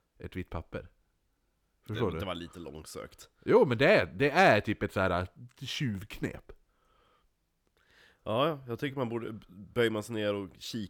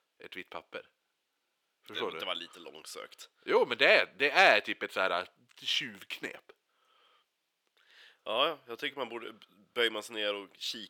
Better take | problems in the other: first | thin; somewhat; fading below 450 Hz

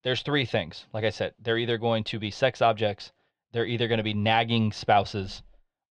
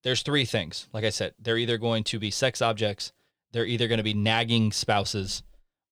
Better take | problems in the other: second | muffled; slightly; fading above 3 kHz

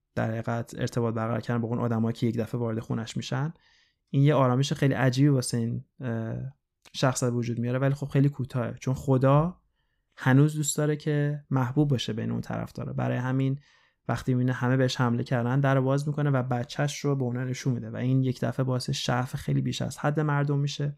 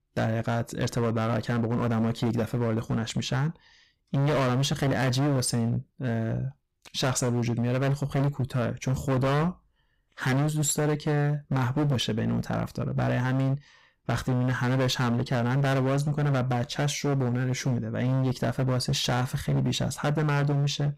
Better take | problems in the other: first | distortion; heavy; 22% of the sound clipped

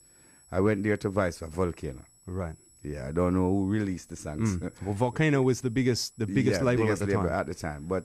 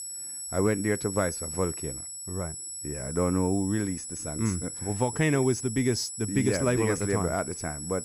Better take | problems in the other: first | high-pitched whine; loud; throughout; 8 kHz, 6 dB below the speech; faint in the first

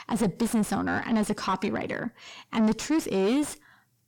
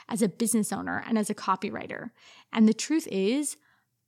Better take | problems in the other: second | distortion; heavy; 6 dB below the speech

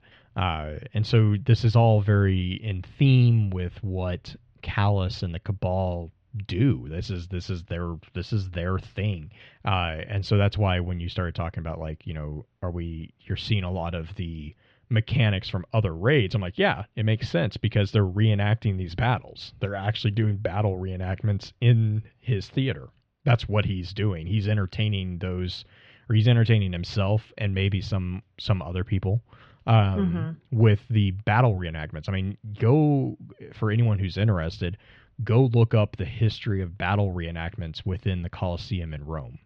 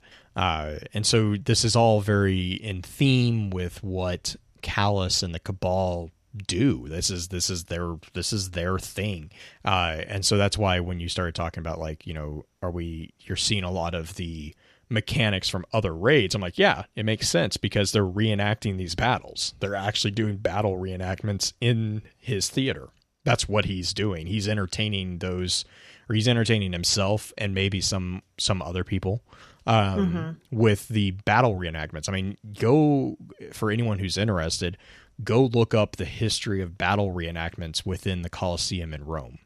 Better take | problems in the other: second | muffled; slightly; fading above 3.5 kHz

